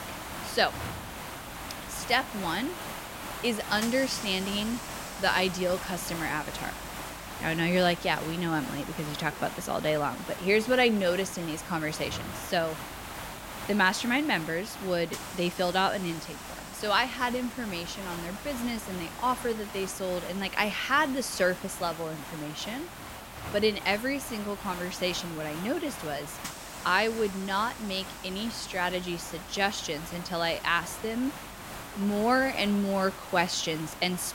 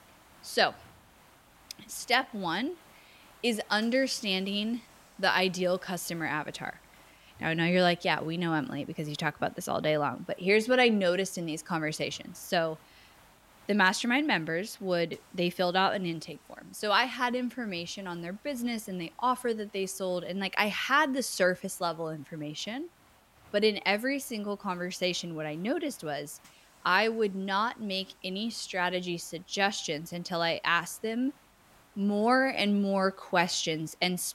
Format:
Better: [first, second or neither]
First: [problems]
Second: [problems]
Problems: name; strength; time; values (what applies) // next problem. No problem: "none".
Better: second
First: hiss; loud; throughout; 10 dB below the speech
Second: hiss; faint; throughout; 30 dB below the speech